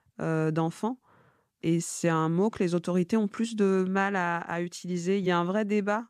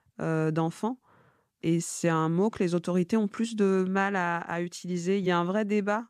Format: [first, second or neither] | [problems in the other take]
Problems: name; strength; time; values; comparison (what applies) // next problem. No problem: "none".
neither | none